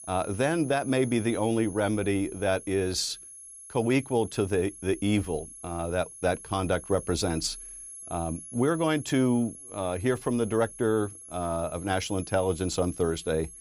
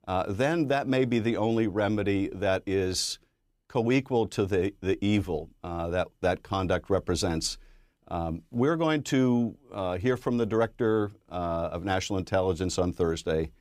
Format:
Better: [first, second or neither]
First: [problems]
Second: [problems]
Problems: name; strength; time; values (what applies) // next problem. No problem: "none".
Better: second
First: high-pitched whine; noticeable; throughout; 11 kHz, 15 dB below the speech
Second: none